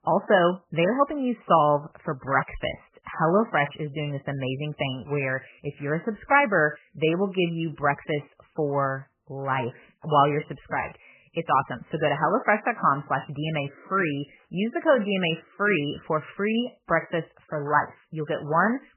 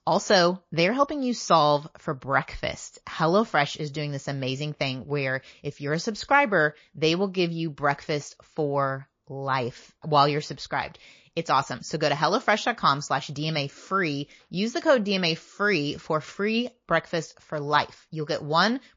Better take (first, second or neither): second